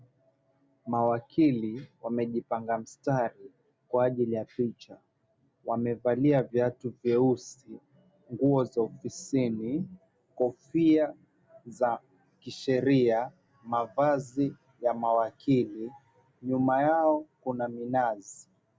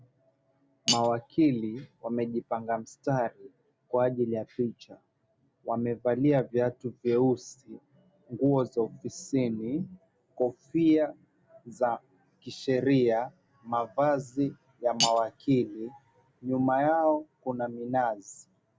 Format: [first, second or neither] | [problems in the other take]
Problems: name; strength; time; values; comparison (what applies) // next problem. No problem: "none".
first | background sound (Cutlery, silverware); 7 dB below the speech